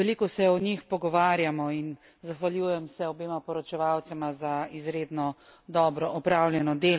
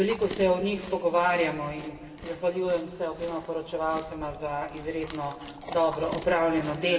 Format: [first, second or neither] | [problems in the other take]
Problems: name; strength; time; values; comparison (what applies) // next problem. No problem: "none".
first | background sound (Chewing, mastication); 16 dB below the speech // room echo; dies away in 2 s